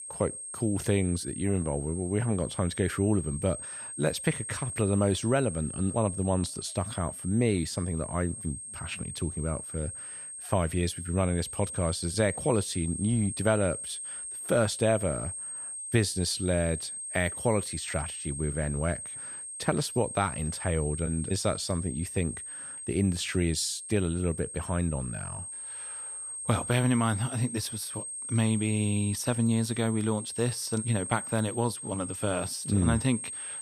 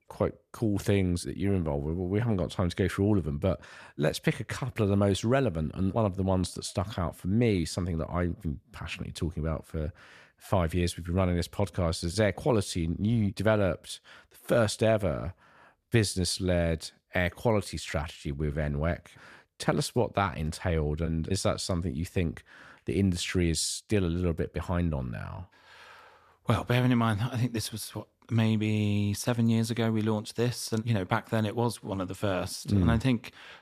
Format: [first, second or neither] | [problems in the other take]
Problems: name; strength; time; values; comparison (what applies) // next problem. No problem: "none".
second | high-pitched whine; loud; throughout; 8.5 kHz, 7 dB below the speech